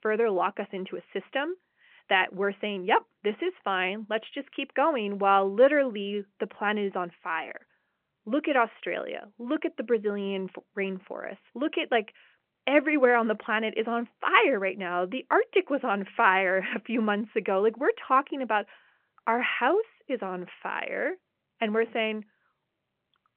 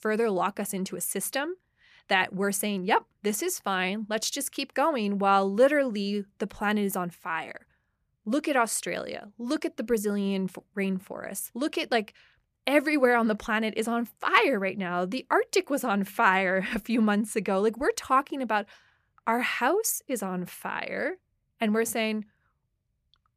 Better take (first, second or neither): second